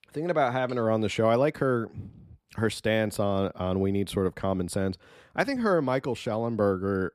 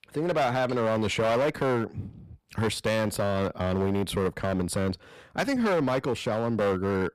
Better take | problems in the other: first | distortion; heavy; 14% of the sound clipped

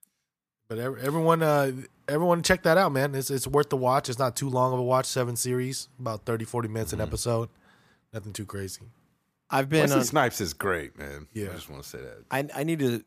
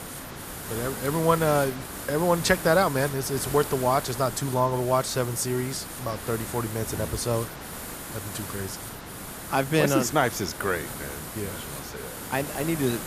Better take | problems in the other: first | hiss; loud; throughout; 9 dB below the speech

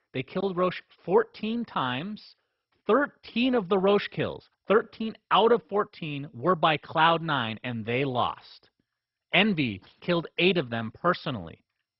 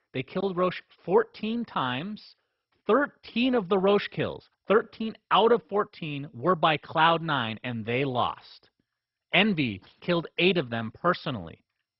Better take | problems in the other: neither | garbled, watery; badly; nothing above 5.5 kHz; the same in both

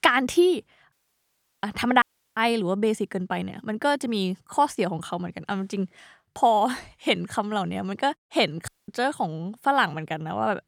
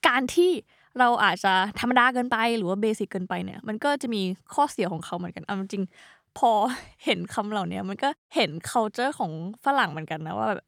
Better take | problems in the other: second | audio cutting out; at 1 s for 0.5 s, at 2 s and at 8.5 s

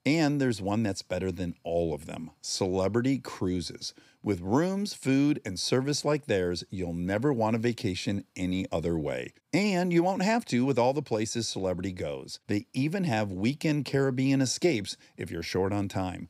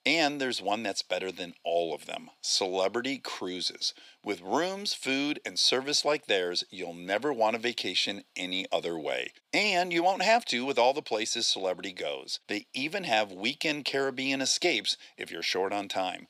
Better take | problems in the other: first | thin; somewhat; fading below 400 Hz

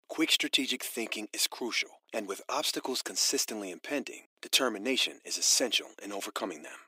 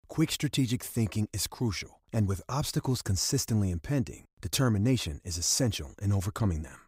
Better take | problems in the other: second | thin; very; fading below 300 Hz

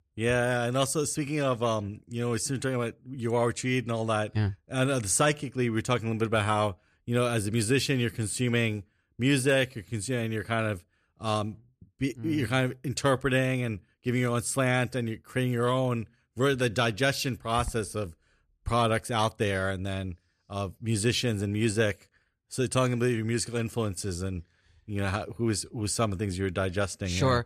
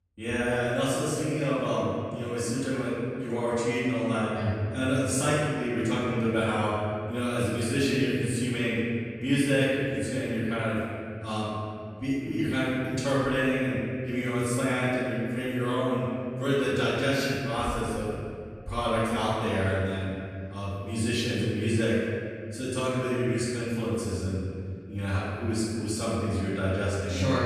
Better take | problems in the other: first | off-mic speech; far // room echo; strong; dies away in 2.1 s

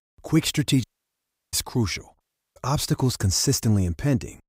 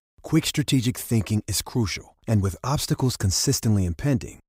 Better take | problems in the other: second | audio cutting out; at 1 s for 0.5 s and at 2 s

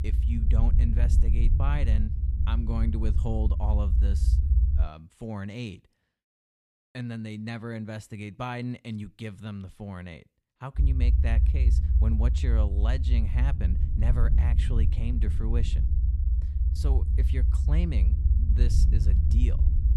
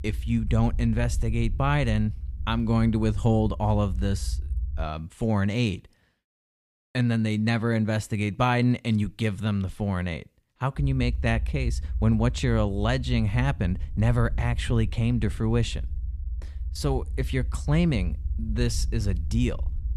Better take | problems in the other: second | low rumble; loud; until 5 s and from 11 s on; 4 dB below the speech; faint in the second

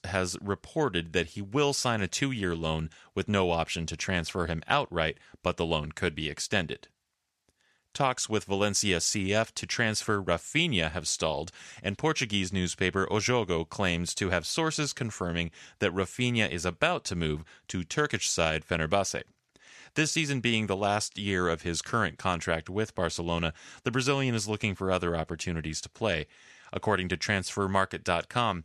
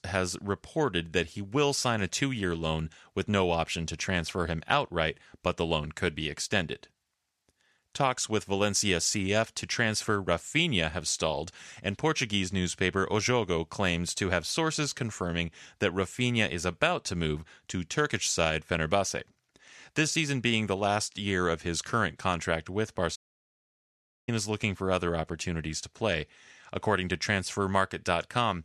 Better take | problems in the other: first | audio cutting out; at 23 s for 1 s

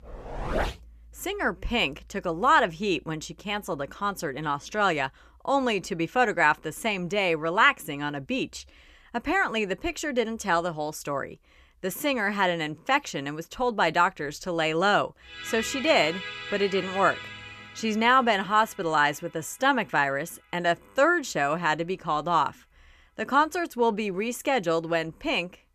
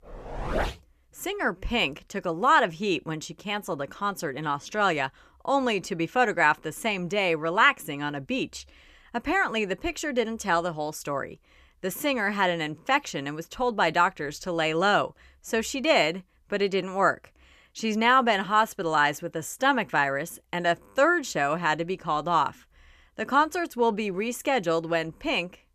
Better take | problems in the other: second | background music; noticeable; throughout; 15 dB below the speech

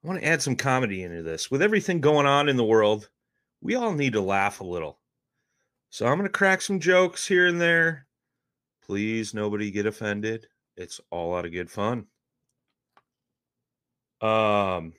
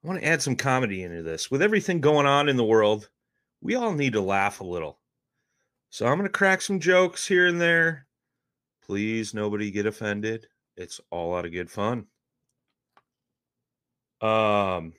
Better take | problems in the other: neither | none

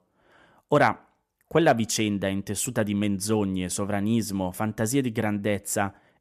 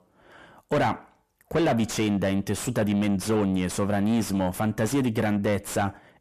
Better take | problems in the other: first | distortion; heavy; 6 dB below the speech

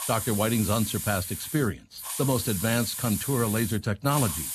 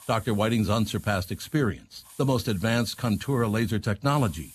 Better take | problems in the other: second | hiss; loud; throughout; 5 dB below the speech; faint in the second

